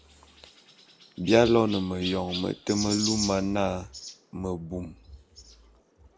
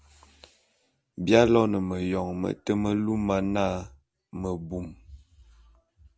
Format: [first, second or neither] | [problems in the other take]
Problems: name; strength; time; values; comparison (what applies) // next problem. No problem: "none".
second | background sound (Chirp, tweet); 11 dB below the speech